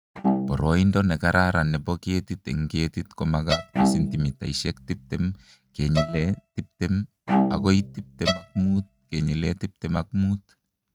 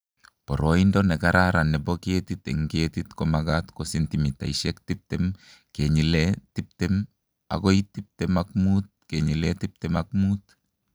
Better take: second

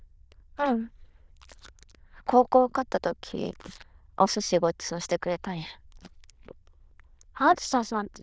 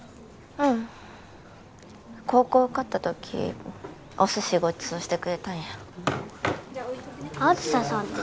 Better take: second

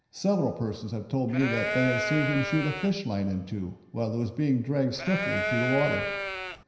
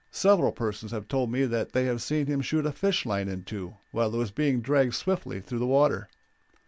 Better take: second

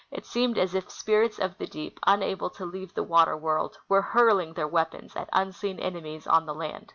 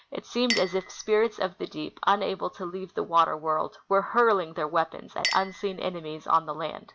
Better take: first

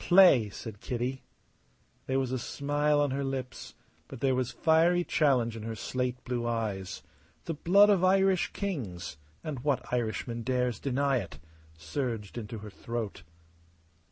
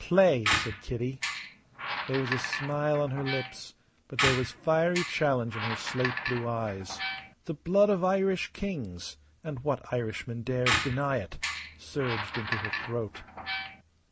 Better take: first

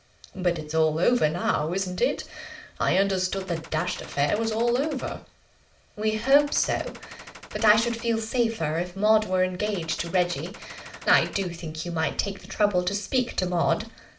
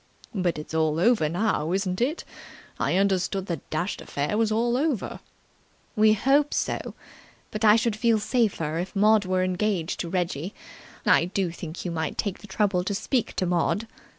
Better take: second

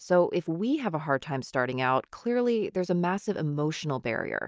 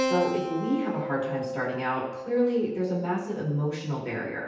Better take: first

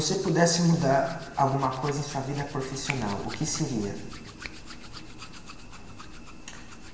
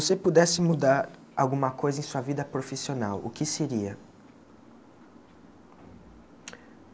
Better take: second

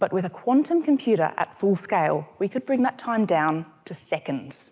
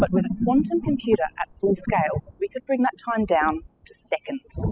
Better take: first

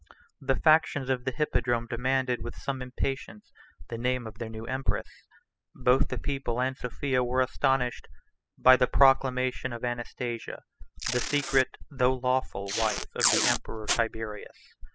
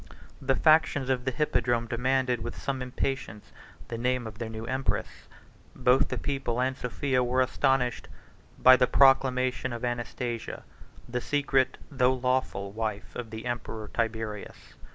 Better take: second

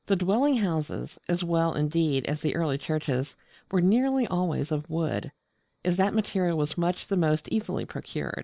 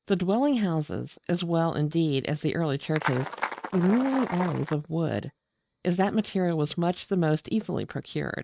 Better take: first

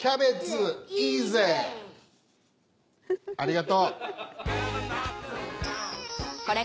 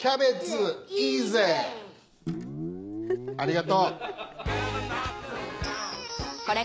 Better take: first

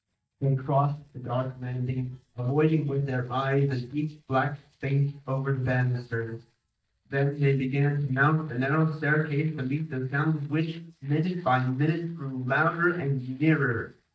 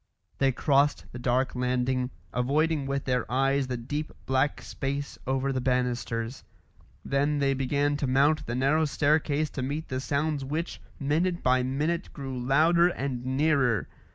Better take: second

